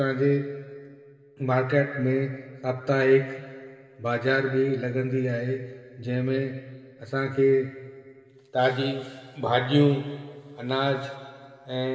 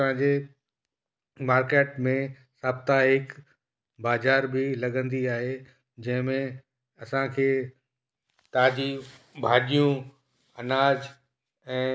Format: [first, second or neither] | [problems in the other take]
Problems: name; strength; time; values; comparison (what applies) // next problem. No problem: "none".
second | room echo; dies away in 2.2 s